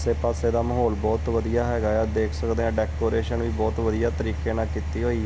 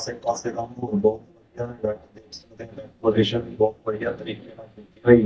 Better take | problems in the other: first | noise reduction (neural mask model DeepFilterNet 3)

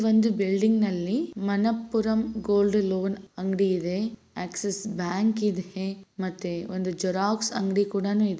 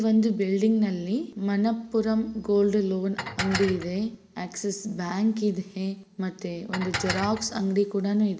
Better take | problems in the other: first | background sound (Dishes, pots, and pans); 8 dB below the speech // room echo; dies away in 1.2 s

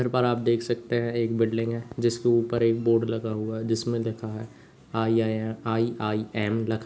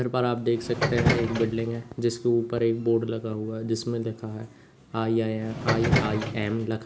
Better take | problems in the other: first | background sound (Subway, metro, underground); 1 dB below the speech

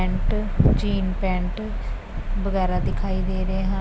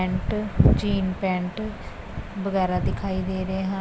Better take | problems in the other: second | background sound (Growling); 1 dB above the speech

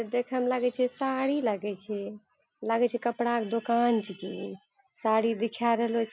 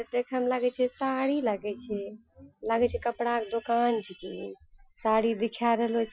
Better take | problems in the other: first | noise reduction (classical method Wiener filter)

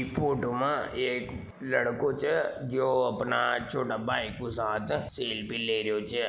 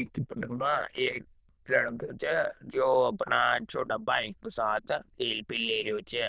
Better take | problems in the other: first | noise reduction (neural diffusion model UNIVERSE++)

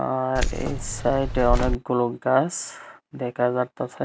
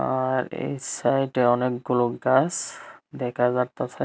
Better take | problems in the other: second | background sound (Keys jangling); as loud as the speech

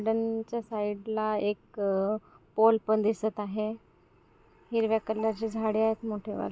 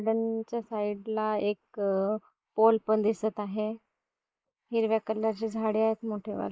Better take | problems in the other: first | noise reduction (neural mask model Resemble Enhance denoiser)

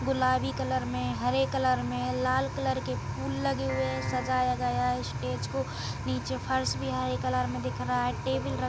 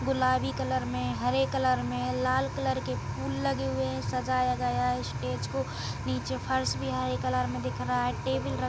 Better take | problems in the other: second | background sound (Piano); 11 dB below the speech

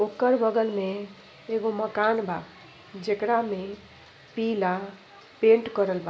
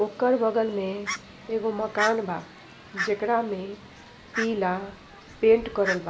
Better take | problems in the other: first | background sound (Fowl); 11 dB below the speech

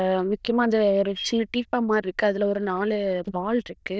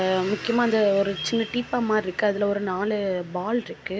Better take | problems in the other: second | noise reduction (neural diffusion model UNIVERSE++)

